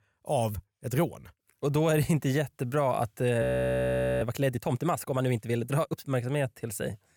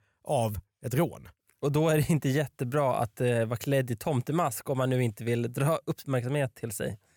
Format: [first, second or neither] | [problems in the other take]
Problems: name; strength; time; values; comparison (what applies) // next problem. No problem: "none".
second | audio freezing; at 3.5 s for 1 s